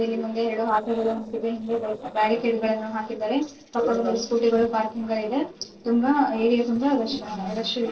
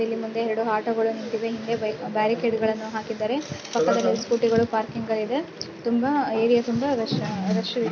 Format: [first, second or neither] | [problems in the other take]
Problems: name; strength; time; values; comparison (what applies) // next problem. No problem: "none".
second | noise reduction (neural separator model SepFormer DNS4)